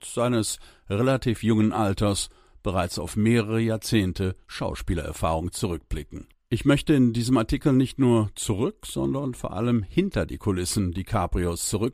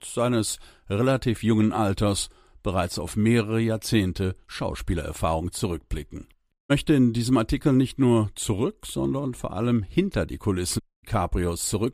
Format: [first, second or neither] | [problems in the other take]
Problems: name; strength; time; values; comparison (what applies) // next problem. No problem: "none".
first | audio cutting out; at 6.5 s and at 11 s